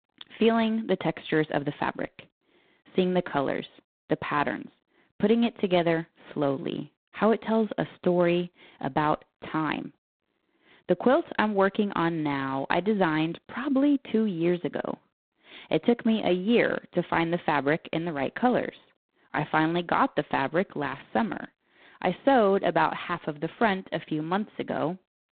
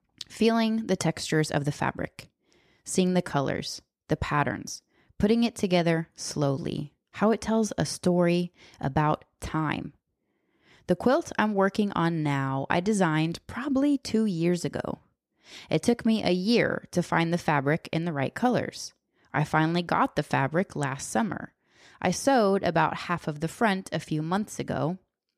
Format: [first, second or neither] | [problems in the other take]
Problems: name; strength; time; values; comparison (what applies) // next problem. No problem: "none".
second | phone-call audio; poor line; nothing above 4 kHz